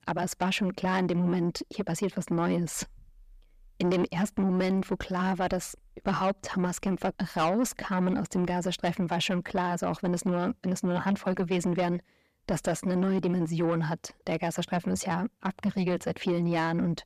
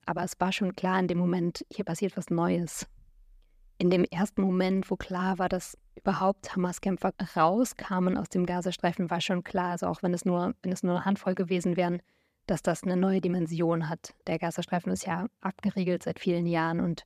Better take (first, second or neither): second